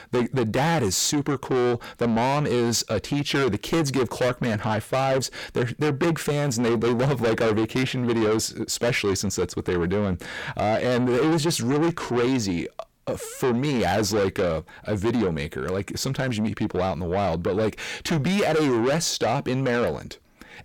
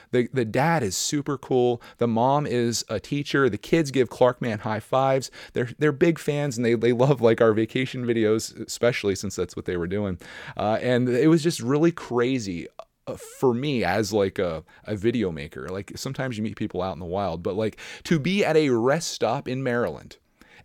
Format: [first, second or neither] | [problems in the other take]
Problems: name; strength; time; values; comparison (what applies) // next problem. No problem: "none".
second | distortion; heavy; 6 dB below the speech